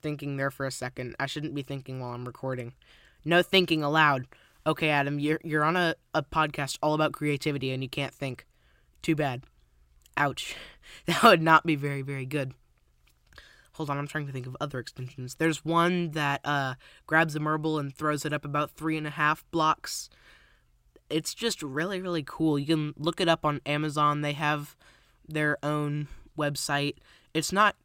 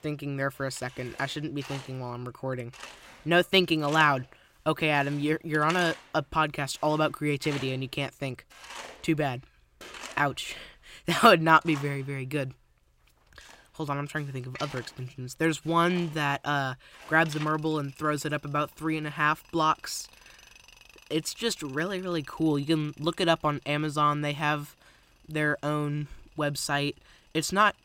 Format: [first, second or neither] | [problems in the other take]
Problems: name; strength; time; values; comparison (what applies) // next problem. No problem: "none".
first | machinery noise; noticeable; throughout; 20 dB below the speech